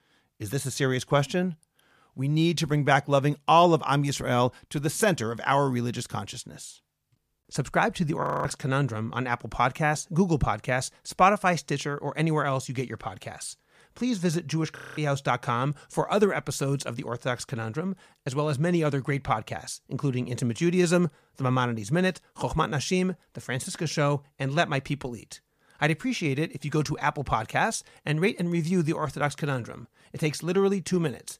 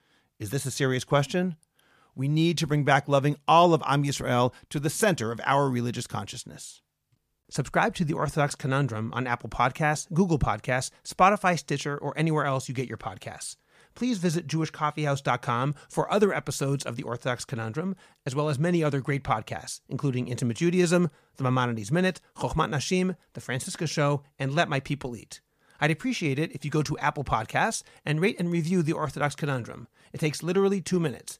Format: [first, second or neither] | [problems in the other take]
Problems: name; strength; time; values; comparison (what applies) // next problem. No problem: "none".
second | audio freezing; at 8 s and at 15 s